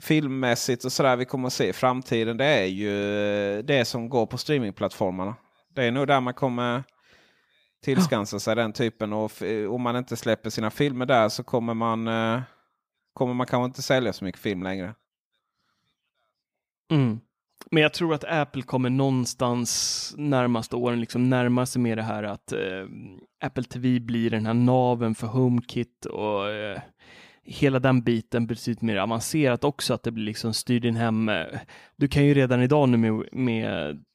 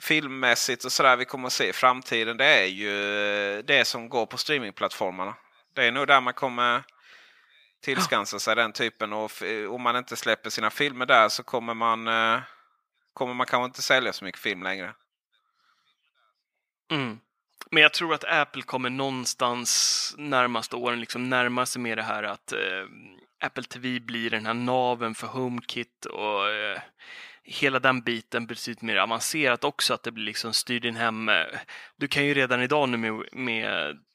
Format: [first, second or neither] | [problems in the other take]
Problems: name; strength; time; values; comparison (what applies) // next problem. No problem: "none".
first | thin; somewhat; fading below 800 Hz